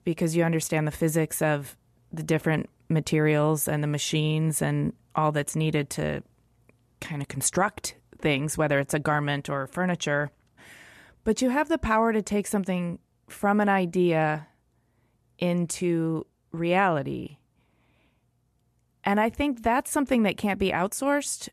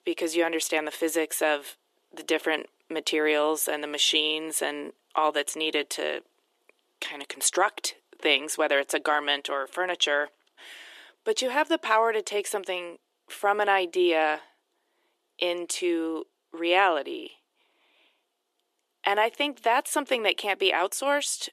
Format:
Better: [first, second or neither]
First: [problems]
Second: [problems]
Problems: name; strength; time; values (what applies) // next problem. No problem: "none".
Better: first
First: none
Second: thin; very; fading below 350 Hz